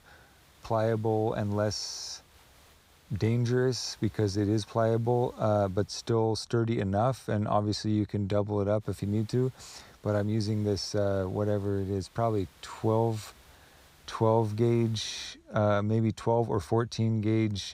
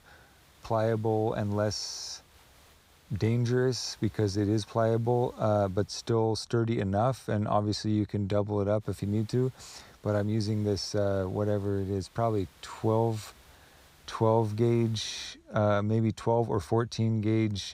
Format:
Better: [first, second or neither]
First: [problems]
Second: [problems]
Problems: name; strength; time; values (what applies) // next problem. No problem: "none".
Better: neither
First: hiss; faint; until 6 s and from 9 to 15 s; 30 dB below the speech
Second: hiss; faint; until 6 s and from 9 to 15 s; 30 dB below the speech